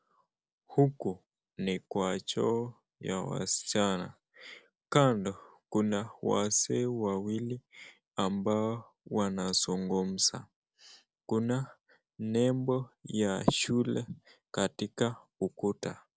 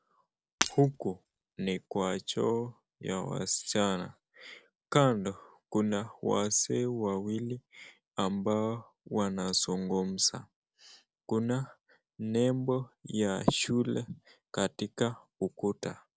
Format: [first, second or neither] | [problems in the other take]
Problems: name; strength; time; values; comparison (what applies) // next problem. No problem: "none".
first | background sound (Shatter); 7 dB below the speech